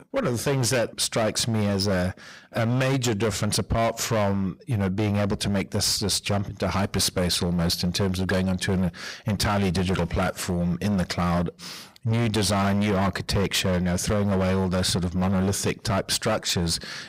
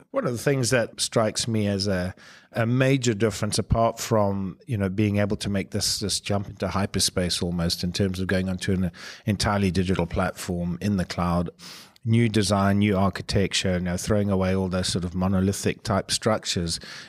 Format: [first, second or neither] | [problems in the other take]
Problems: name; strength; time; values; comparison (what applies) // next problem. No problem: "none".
second | distortion; heavy; 21% of the sound clipped